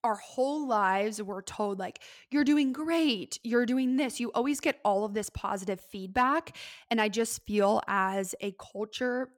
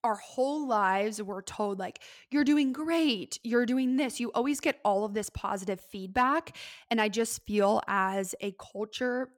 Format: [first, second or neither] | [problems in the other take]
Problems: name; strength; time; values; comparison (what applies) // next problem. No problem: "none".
neither | none